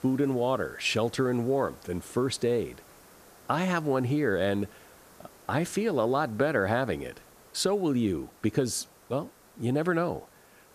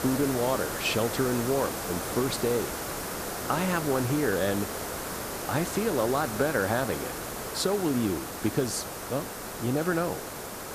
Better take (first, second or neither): first